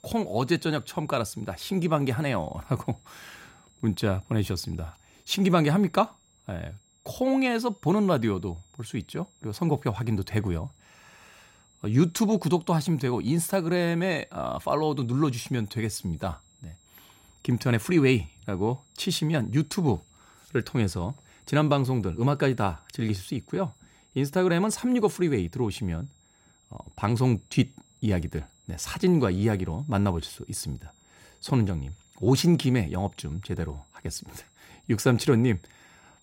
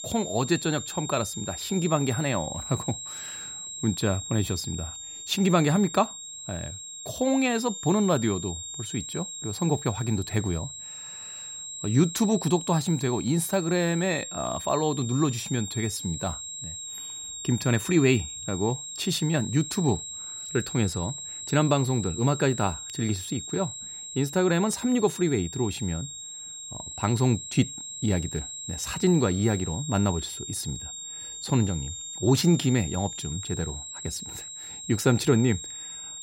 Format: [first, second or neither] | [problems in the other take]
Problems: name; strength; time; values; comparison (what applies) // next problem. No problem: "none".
first | high-pitched whine; loud; throughout; 7.5 kHz, 8 dB below the speech; faint in the first